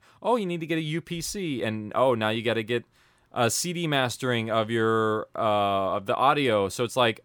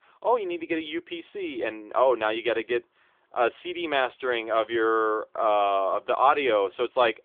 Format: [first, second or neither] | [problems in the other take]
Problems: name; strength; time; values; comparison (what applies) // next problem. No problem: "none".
first | phone-call audio; nothing above 3.5 kHz